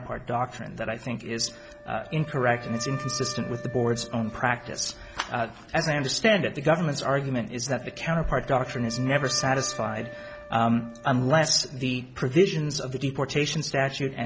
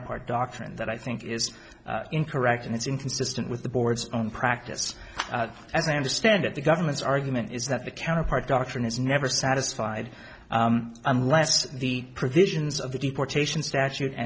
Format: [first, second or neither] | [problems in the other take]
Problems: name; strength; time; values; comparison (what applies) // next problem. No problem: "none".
second | background sound (Wind instrument, woodwind instrument); 17 dB below the speech